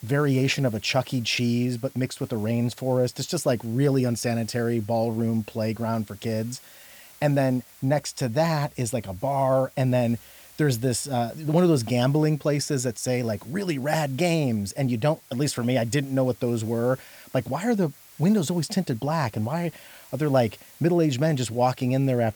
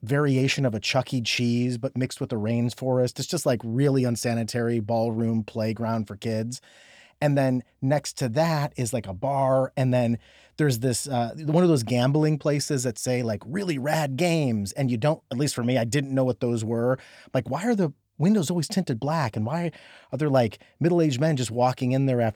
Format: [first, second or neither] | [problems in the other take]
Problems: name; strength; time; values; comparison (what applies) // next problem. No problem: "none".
second | hiss; faint; throughout; 25 dB below the speech